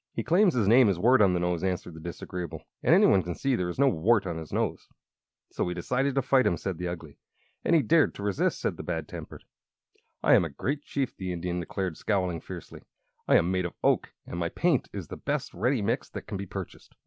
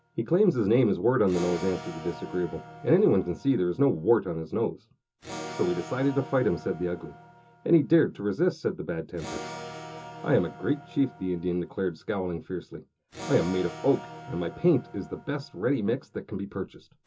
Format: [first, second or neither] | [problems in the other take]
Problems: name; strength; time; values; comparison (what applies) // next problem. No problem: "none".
first | background sound (Electric guitar / Acoustic guitar); 16 dB below the speech // room echo; dies away in 0.2 s